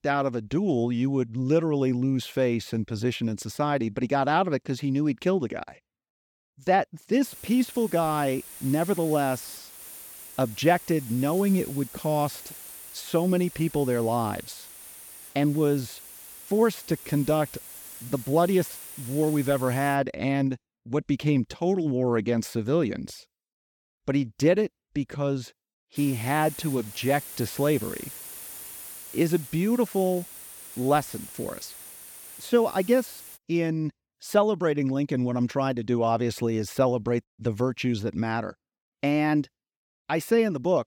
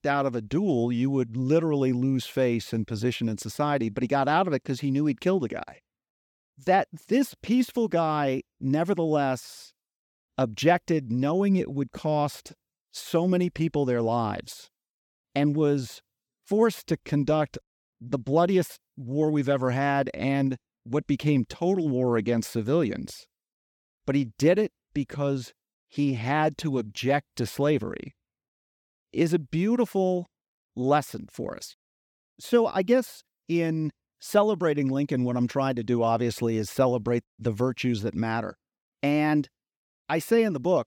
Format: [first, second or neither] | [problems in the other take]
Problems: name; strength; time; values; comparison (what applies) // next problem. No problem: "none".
second | hiss; noticeable; from 7.5 to 20 s and from 26 to 33 s; 15 dB below the speech